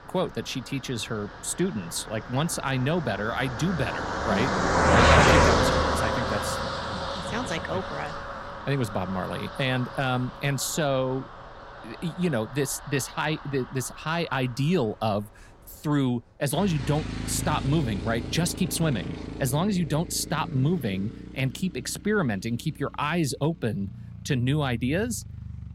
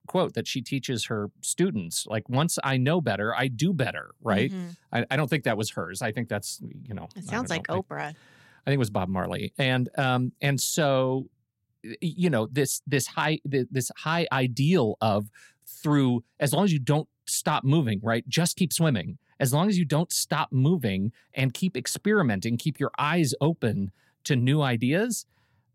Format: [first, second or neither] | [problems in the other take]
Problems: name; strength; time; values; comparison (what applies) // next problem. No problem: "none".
second | traffic noise; very loud; throughout; as loud as the speech